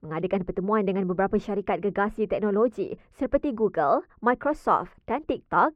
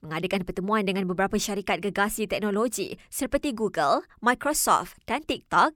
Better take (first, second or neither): second